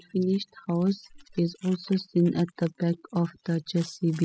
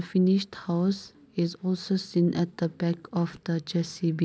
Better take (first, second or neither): second